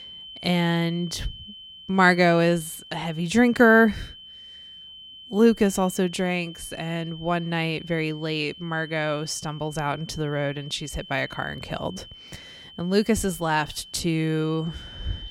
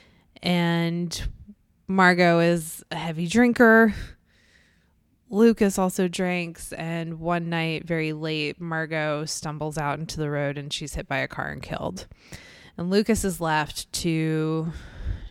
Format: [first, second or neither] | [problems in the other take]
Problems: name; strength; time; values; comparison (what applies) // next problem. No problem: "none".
second | high-pitched whine; noticeable; throughout; 3 kHz, 20 dB below the speech